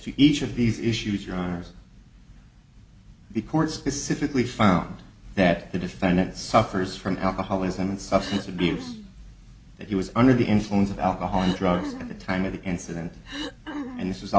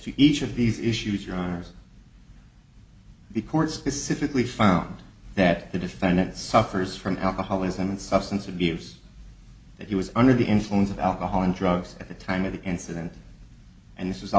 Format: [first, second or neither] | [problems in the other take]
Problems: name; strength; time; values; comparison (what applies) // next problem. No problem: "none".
second | background sound (Cough); 10 dB below the speech